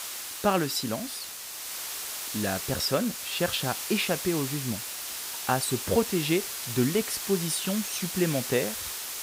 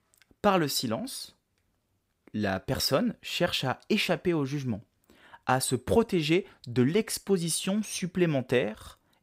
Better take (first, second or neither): second